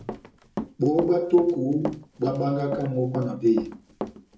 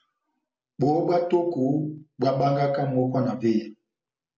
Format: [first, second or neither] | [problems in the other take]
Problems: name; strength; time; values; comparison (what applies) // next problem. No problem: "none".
second | background sound (Run); 11 dB below the speech // room echo; dies away in 0.2 s